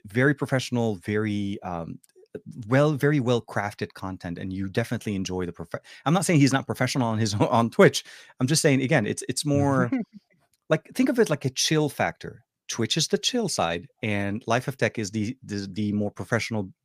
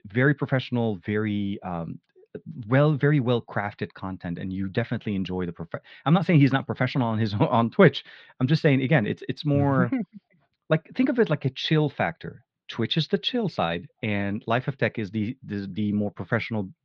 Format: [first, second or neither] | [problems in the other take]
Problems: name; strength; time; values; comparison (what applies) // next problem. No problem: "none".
first | muffled; slightly; fading above 4 kHz